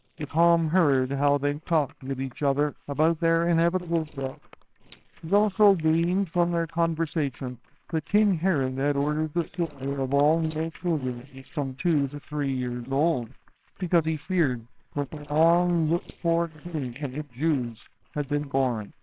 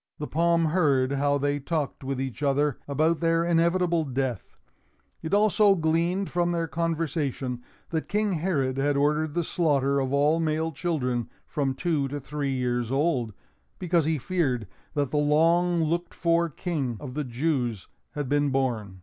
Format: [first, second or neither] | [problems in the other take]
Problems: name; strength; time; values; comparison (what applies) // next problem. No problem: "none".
second | noise reduction (neural separator model SepFormer WHAMR!)